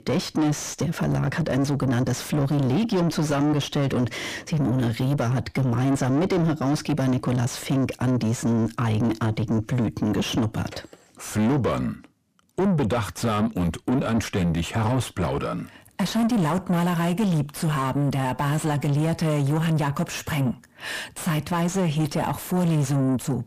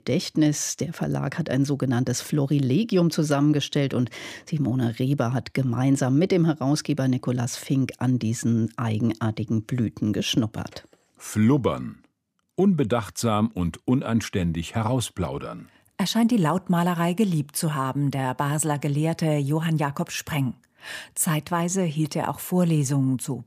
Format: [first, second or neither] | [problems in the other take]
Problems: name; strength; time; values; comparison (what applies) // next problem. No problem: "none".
second | distortion; heavy; 7 dB below the speech